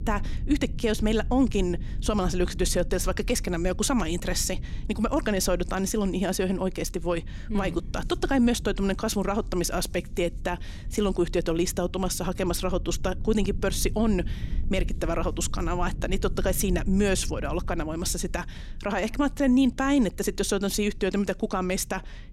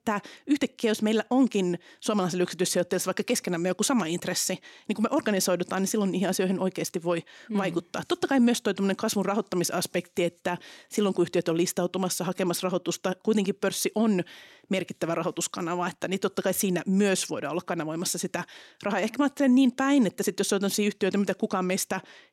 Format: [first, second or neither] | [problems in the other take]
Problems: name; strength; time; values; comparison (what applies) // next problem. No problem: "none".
second | low rumble; faint; throughout; 20 dB below the speech